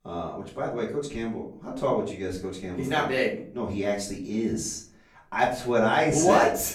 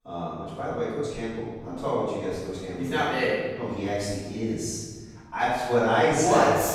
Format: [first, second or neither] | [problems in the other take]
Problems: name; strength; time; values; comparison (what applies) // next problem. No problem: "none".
first | room echo; strong; dies away in 1.4 s; slight in the first // off-mic speech; far; far in the first